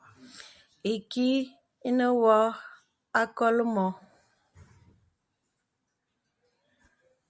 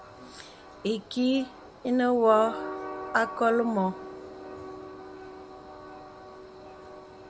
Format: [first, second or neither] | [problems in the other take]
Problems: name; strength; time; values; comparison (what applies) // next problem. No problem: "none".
first | background sound (Train); 12 dB below the speech